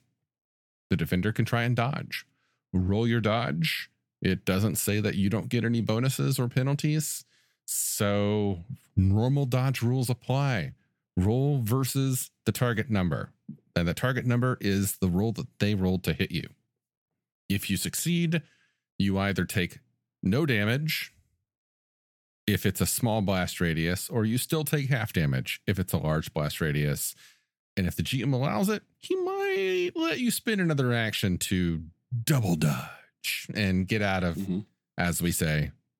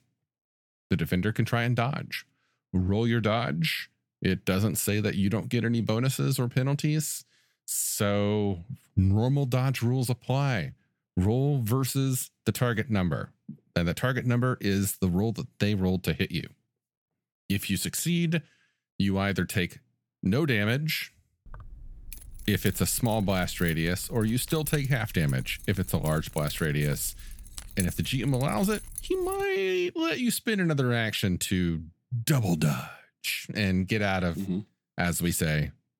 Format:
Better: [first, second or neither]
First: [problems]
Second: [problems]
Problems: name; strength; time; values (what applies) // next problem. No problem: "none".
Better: first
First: none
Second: jangling keys; noticeable; from 21 to 29 s; peak 9 dB below the speech